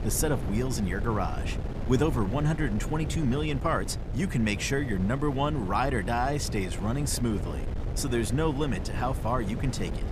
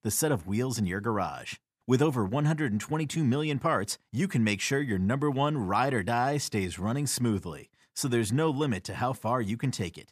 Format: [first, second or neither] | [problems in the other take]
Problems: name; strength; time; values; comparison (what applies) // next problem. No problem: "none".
second | wind noise on the microphone; occasional gusts; 10 dB below the speech